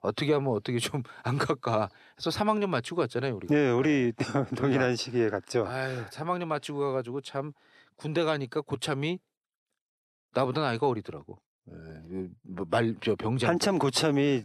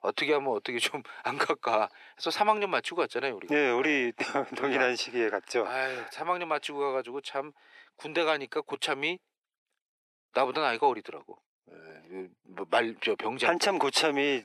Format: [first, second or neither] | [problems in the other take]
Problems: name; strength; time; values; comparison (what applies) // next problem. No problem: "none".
first | thin; somewhat; fading below 400 Hz